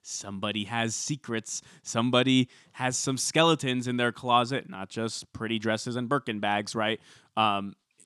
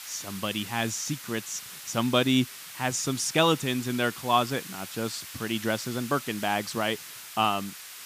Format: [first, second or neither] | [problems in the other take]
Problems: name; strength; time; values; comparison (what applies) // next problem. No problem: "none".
first | hiss; noticeable; throughout; 10 dB below the speech